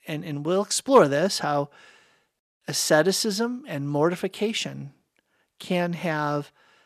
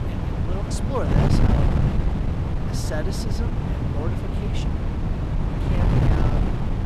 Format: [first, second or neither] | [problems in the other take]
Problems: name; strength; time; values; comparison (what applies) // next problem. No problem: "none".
first | wind noise on the microphone; heavy; 3 dB above the speech